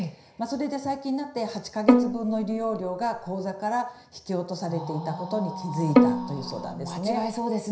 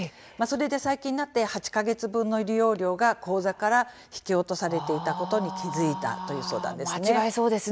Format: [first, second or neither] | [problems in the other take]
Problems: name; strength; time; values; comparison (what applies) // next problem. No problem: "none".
second | background sound (Bowed string instrument); 4 dB above the speech // room echo; dies away in 0.5 s